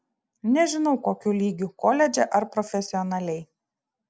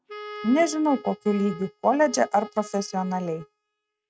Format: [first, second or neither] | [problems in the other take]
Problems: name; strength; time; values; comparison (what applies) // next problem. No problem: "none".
first | noise reduction (neural mask model RNNoise)